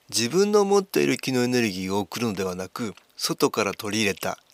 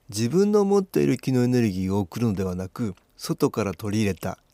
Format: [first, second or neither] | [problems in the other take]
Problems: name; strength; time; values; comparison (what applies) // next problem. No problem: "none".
second | thin; somewhat; fading below 1 kHz